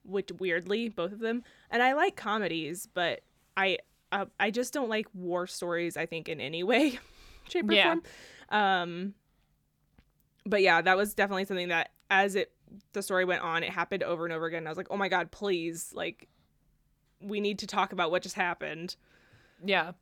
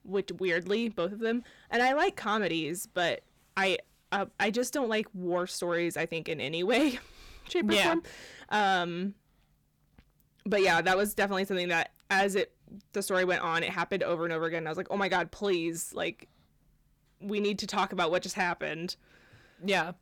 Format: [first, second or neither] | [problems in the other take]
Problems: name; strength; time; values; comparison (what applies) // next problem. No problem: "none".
first | distortion; slight; 10 dB below the speech